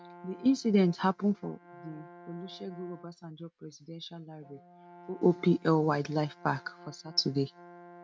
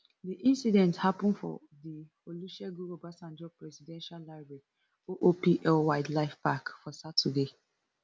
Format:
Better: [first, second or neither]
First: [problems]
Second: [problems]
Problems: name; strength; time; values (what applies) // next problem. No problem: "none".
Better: second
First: noise reduction (neural mask model RNNoise)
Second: none